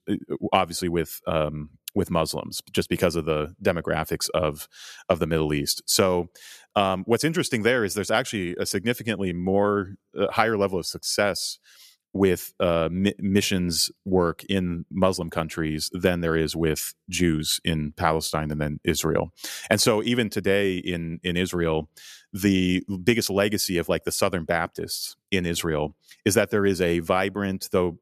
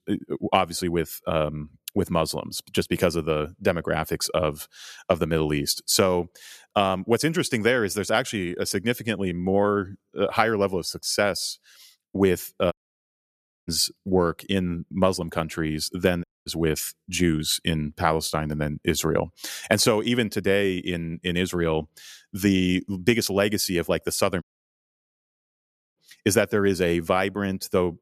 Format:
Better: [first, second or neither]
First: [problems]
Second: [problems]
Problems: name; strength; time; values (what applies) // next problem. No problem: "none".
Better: first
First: none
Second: audio cutting out; at 13 s for 1 s, at 16 s and at 24 s for 1.5 s